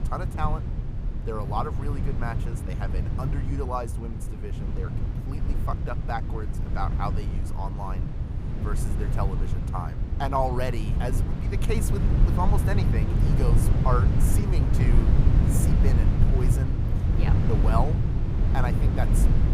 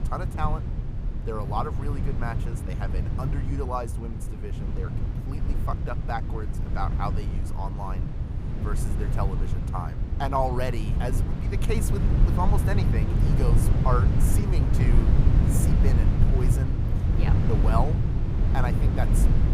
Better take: neither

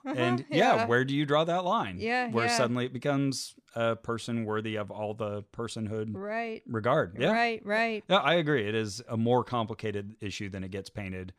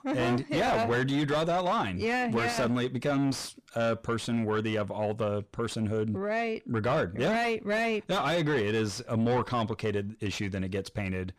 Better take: first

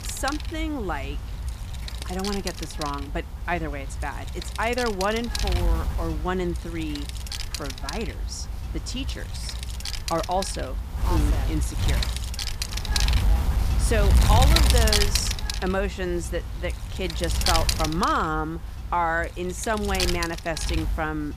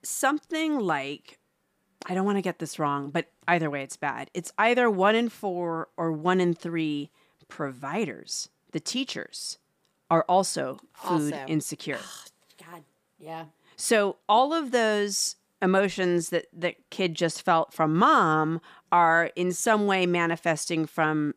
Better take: second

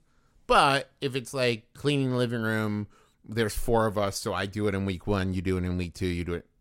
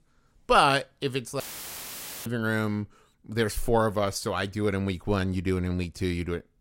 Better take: first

